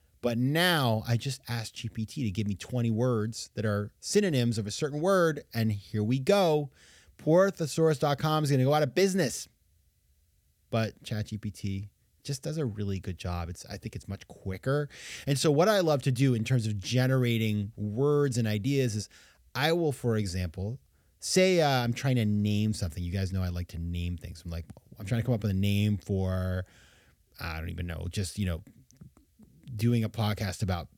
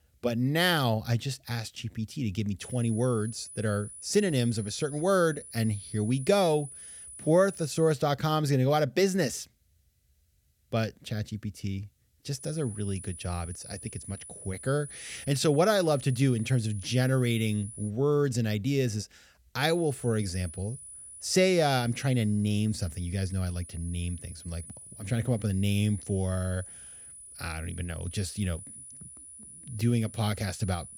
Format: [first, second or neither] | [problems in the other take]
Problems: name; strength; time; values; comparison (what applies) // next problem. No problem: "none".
first | high-pitched whine; noticeable; from 2.5 to 8 s, from 12 to 18 s and from 20 s on; 10 kHz, 15 dB below the speech